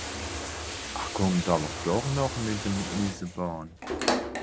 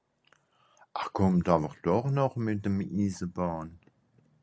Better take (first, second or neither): second